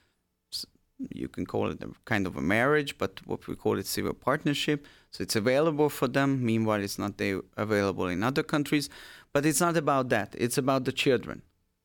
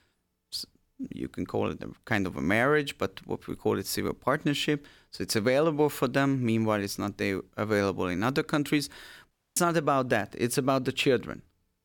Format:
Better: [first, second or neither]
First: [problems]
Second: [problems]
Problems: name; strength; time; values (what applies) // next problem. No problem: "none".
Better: first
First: none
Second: audio cutting out; at 9.5 s